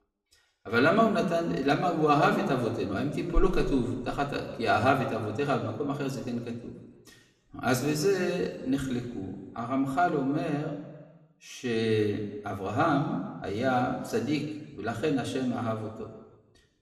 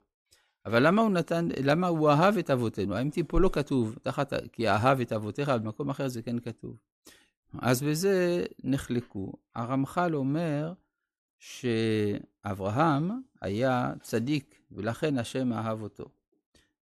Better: second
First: room echo; slight; dies away in 1.2 s // off-mic speech; somewhat distant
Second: none

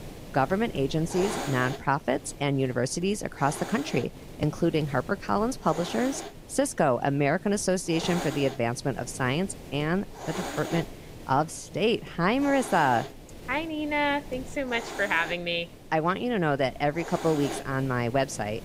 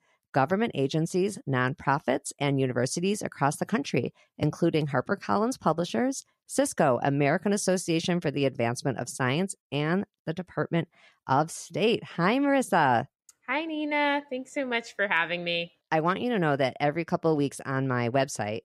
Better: second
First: hiss; noticeable; throughout; 15 dB below the speech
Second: none

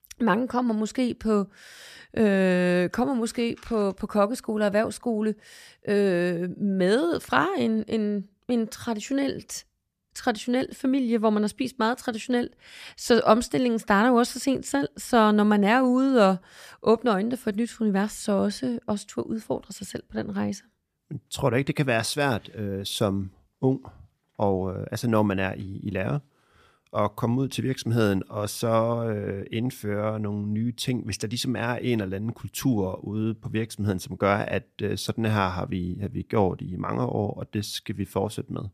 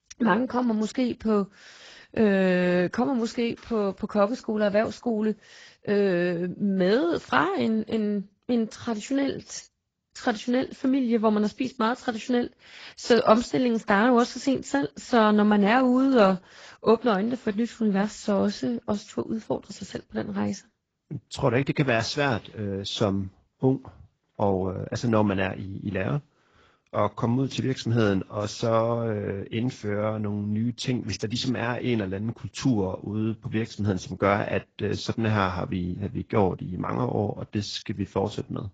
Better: first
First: none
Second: garbled, watery; badly; nothing above 7.5 kHz

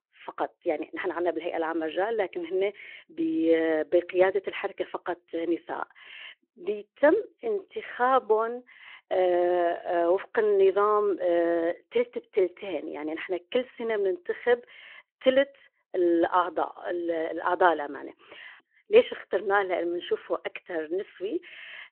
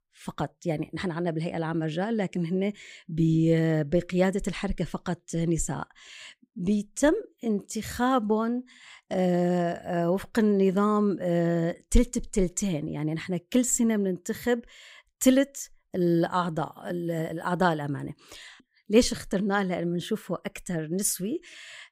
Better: second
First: phone-call audio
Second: none

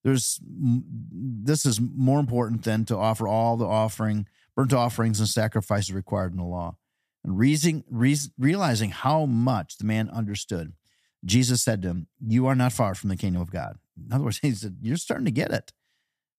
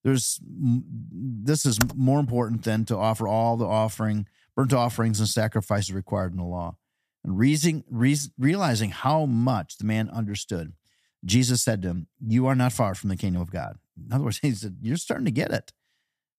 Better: first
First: none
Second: keyboard typing; very faint; at 2 s; peak 4 dB below the speech

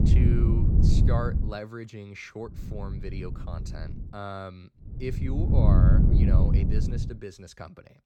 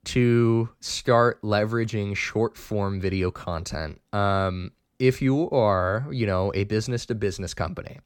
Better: second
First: wind noise on the microphone; heavy; until 1.5 s, from 2.5 to 4 s and from 5 to 7 s; 2 dB above the speech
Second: none

